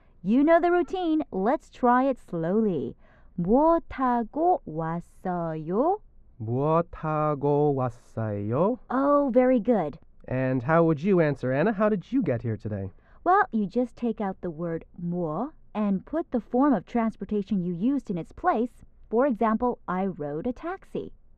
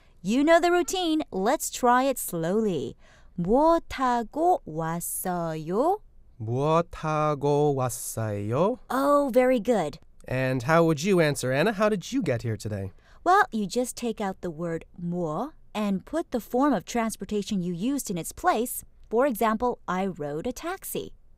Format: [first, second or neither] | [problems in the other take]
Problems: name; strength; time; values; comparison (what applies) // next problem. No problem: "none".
second | muffled; very; fading above 1.5 kHz